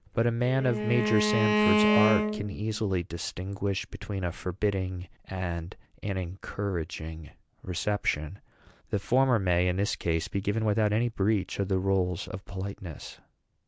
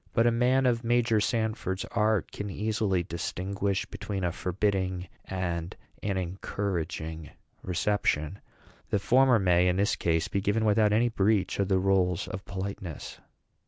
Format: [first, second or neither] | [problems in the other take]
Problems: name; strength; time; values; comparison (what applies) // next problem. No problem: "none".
second | background sound (Bowed string instrument); 2 dB above the speech